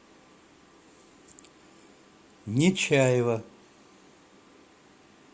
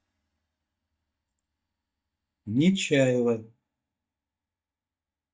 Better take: first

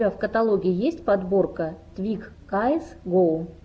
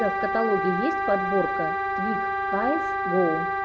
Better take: first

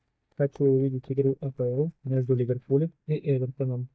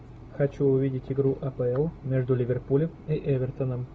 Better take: second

